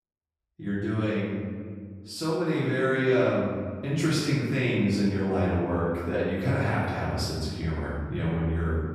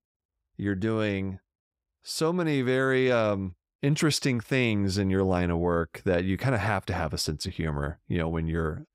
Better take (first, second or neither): second